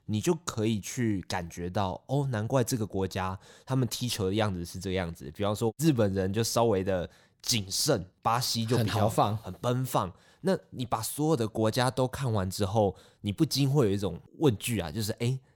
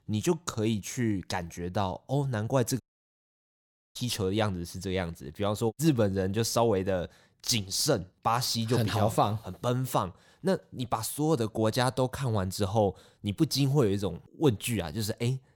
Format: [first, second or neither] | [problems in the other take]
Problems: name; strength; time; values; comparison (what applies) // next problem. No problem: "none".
first | audio cutting out; at 3 s for 1 s